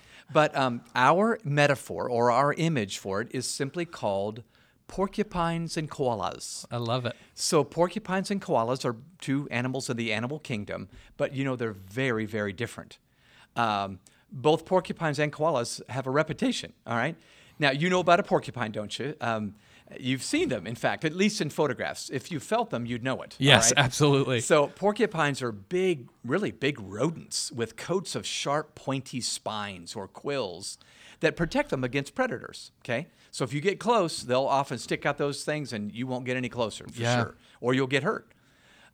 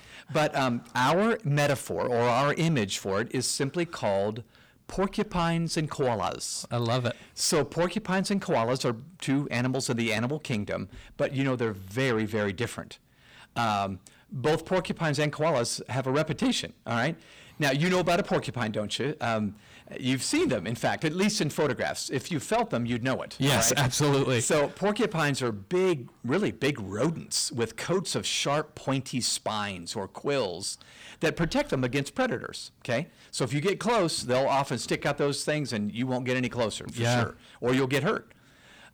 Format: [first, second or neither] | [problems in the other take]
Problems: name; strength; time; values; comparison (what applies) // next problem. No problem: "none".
first | distortion; heavy; 7 dB below the speech